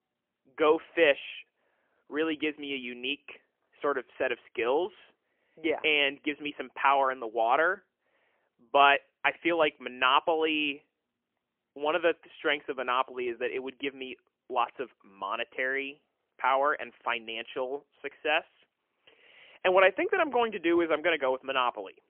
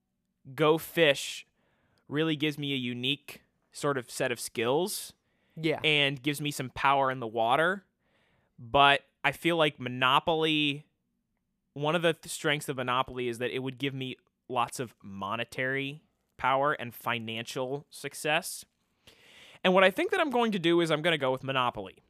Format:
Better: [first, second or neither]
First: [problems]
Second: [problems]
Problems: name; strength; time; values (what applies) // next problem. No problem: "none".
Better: second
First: phone-call audio; poor line; nothing above 3 kHz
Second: none